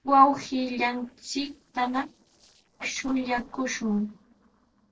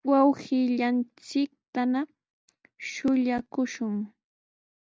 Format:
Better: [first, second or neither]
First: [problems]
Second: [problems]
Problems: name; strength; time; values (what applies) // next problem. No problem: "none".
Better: second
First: noise reduction (neural separator model SepFormer DNS4)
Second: none